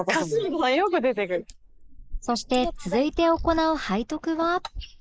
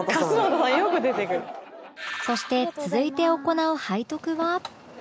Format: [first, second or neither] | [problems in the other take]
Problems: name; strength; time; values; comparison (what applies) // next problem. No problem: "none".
second | noise reduction (neural mask model Resemble Enhance denoiser)